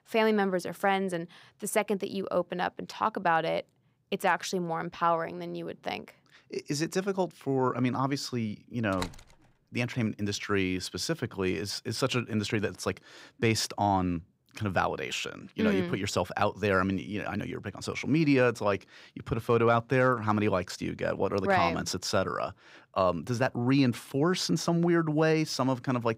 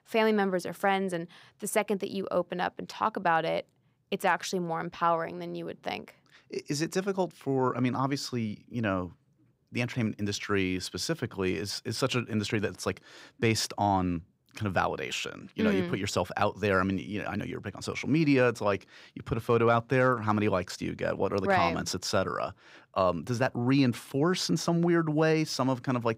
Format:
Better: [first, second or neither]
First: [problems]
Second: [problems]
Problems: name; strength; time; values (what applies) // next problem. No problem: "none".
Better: second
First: door banging; faint; at 9 s; peak 10 dB below the speech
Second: none